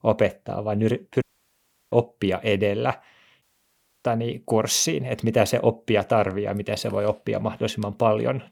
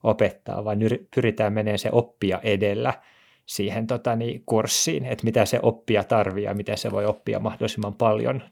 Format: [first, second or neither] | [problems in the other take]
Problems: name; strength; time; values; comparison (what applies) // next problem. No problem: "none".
second | audio cutting out; at 1 s for 0.5 s and at 3.5 s for 0.5 s